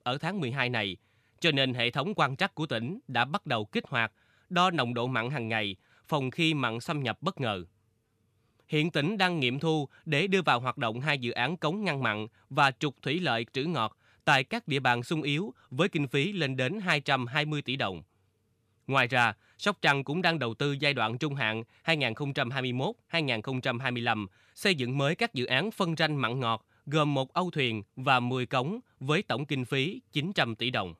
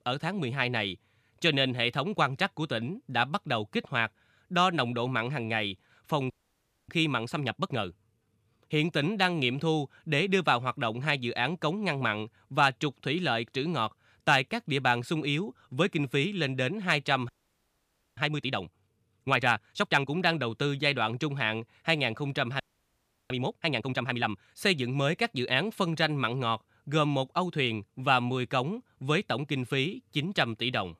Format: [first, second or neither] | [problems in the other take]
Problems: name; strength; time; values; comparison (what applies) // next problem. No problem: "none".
first | audio freezing; at 6.5 s for 0.5 s, at 17 s for 1 s and at 23 s for 0.5 s